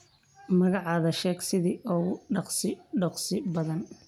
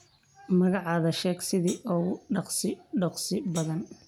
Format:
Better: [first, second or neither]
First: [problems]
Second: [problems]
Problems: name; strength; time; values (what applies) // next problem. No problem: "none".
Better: first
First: none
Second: background sound (Hi-hat); 15 dB below the speech